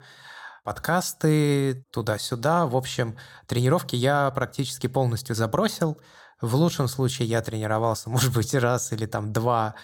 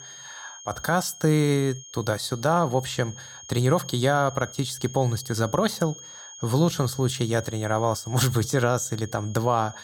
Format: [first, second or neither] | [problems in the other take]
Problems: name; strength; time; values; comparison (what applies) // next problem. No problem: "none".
first | high-pitched whine; noticeable; throughout; 6.5 kHz, 15 dB below the speech